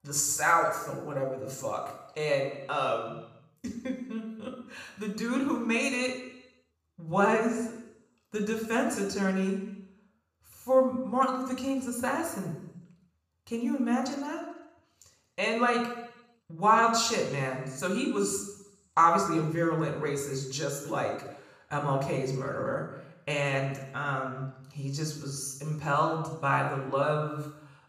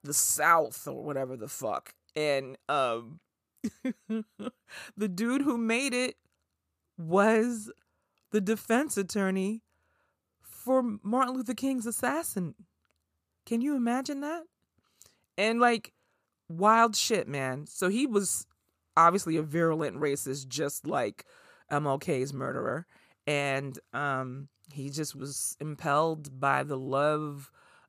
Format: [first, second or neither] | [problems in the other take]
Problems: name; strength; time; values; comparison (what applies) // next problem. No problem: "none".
second | room echo; noticeable; dies away in 0.9 s // off-mic speech; somewhat distant